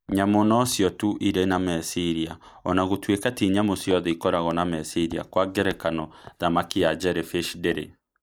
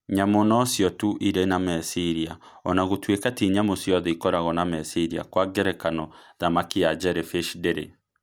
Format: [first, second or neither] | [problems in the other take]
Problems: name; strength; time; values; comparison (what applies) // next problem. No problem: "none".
second | noise reduction (neural mask model Resemble Enhance denoiser)